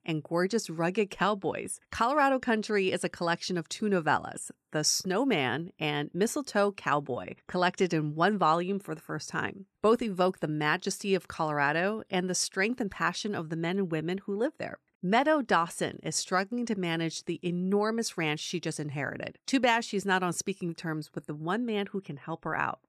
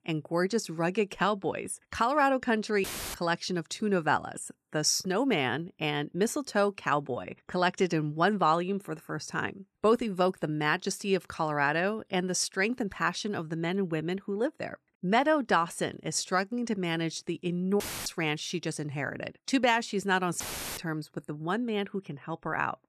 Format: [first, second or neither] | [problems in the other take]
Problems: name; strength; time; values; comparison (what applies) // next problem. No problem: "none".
first | audio cutting out; filled with static; at 3 s, at 18 s and at 20 s